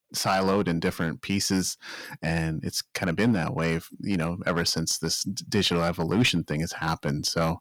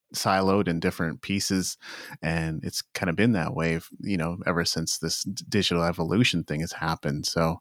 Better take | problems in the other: second | distortion; slight; 3% of the sound clipped

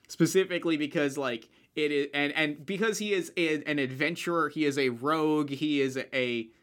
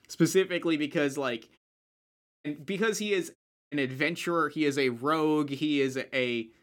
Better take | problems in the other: first | audio cutting out; at 1.5 s for 1 s and at 3.5 s

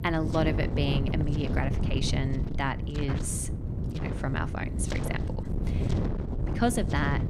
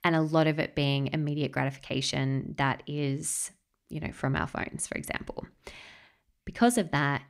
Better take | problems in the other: second | wind noise on the microphone; heavy; 7 dB below the speech

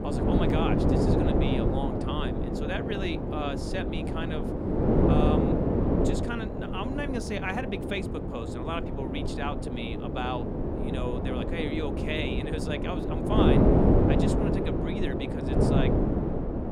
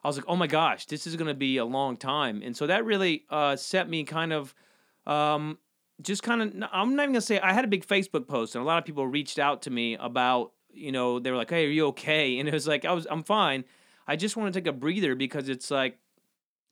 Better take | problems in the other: second | wind noise on the microphone; heavy; 4 dB above the speech

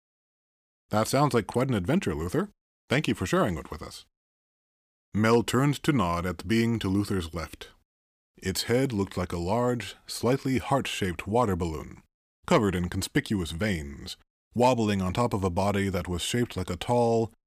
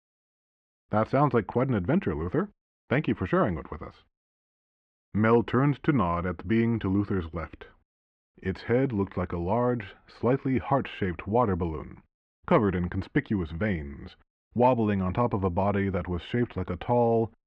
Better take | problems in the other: first | muffled; very; fading above 2 kHz

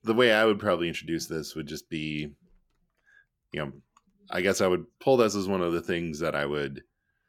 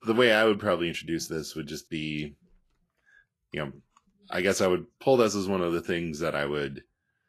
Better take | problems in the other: first | garbled, watery; slightly; nothing above 13 kHz

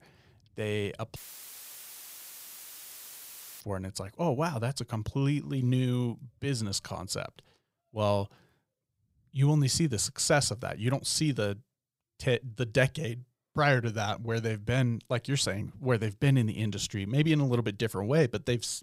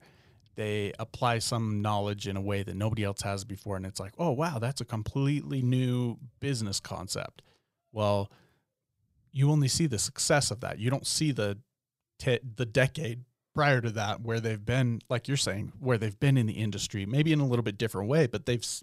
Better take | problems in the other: second | audio cutting out; filled with static; at 1 s for 2.5 s

